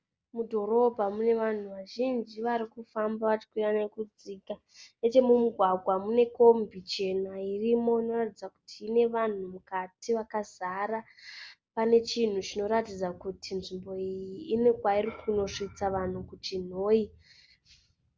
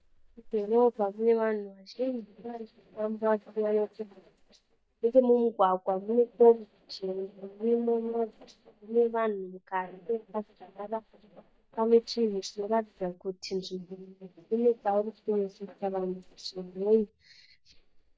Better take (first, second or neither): first